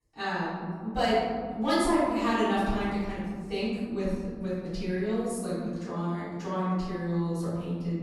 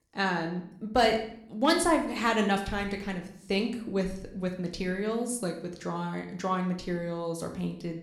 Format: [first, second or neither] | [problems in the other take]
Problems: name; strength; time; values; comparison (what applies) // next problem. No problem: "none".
second | room echo; strong; dies away in 2.2 s; slight in the second // off-mic speech; far